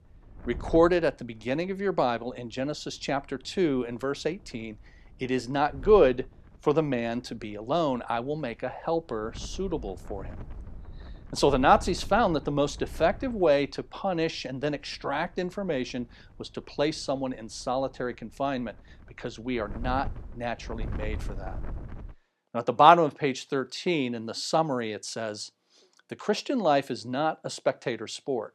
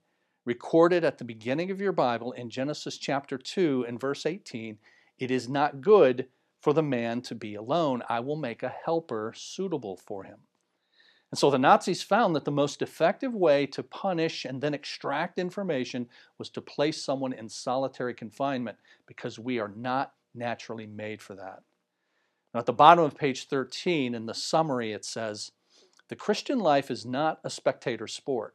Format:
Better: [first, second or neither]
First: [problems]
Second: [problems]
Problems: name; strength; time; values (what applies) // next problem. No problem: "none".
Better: second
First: wind noise on the microphone; occasional gusts; until 22 s; 25 dB below the speech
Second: none